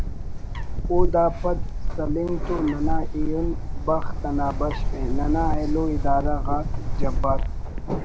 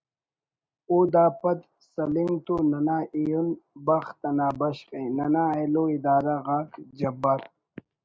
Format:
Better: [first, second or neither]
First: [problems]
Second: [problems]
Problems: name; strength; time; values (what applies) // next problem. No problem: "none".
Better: second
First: background sound (Bird); 3 dB above the speech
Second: none